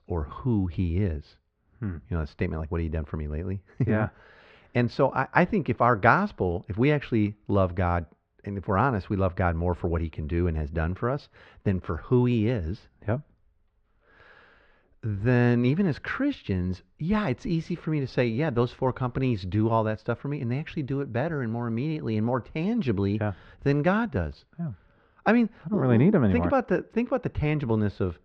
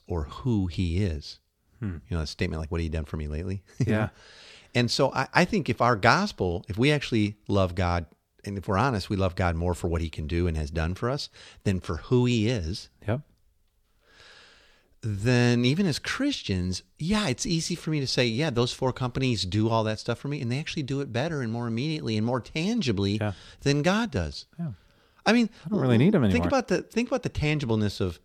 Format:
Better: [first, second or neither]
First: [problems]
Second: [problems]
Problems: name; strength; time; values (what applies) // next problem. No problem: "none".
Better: second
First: muffled; very; fading above 1.5 kHz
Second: none